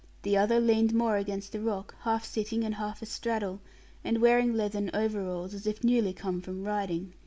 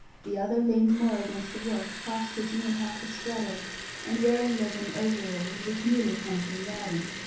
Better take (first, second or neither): first